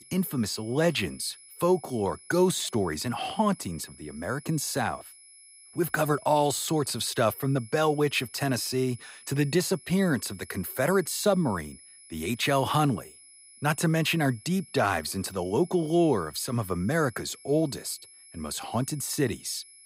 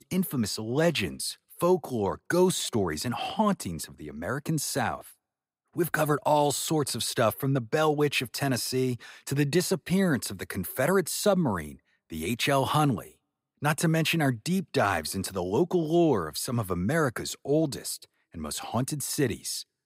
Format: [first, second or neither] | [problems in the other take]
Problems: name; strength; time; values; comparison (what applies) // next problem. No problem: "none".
second | high-pitched whine; faint; throughout; 11 kHz, 20 dB below the speech